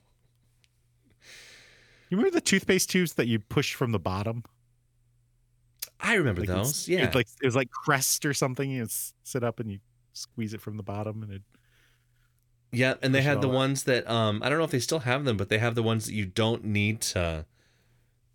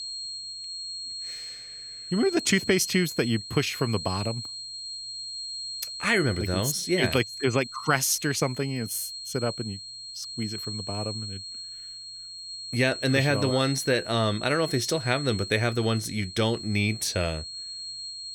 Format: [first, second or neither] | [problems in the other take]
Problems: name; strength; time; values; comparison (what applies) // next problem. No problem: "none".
first | high-pitched whine; loud; throughout; 4.5 kHz, 9 dB below the speech